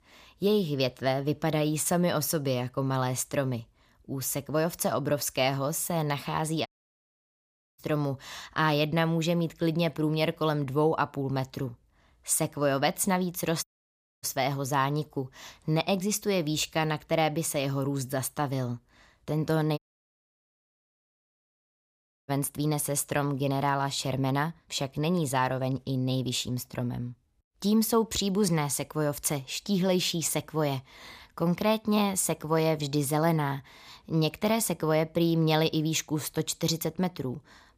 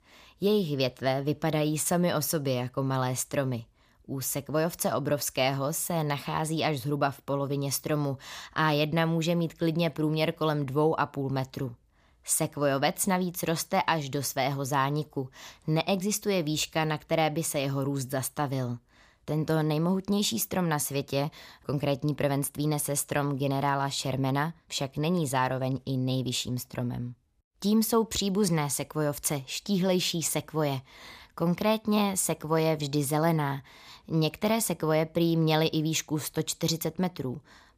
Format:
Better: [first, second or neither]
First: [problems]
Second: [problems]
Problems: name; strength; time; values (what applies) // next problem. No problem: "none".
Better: second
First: audio cutting out; at 6.5 s for 1 s, at 14 s for 0.5 s and at 20 s for 2.5 s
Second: none